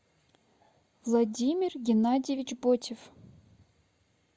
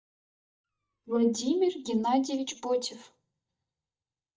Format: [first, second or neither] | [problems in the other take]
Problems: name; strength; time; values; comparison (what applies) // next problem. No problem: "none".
first | noise reduction (neural mask model DeepFilterNet 3)